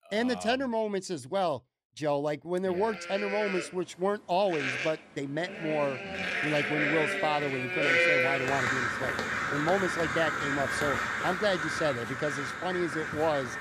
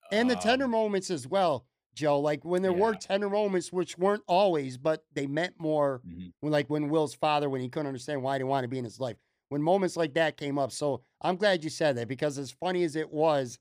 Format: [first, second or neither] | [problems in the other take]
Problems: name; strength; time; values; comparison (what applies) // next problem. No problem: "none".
second | animal sounds; very loud; from 3.5 s on; 1 dB above the speech